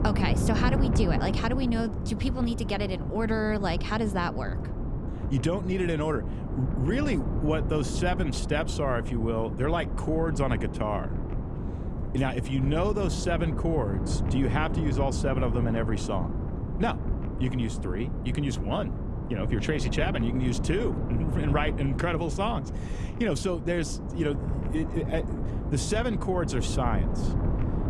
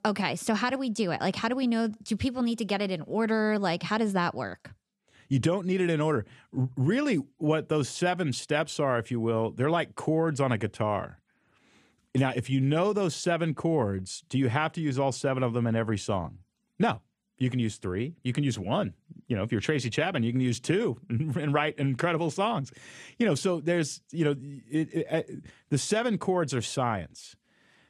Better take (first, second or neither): second